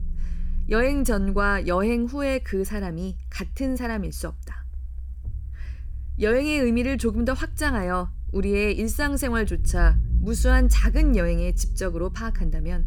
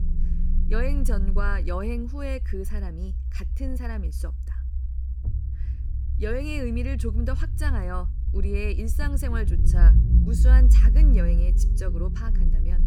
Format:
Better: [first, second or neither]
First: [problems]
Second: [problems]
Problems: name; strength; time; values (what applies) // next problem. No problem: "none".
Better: first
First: low rumble; faint; throughout; 25 dB below the speech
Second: low rumble; loud; throughout; 8 dB below the speech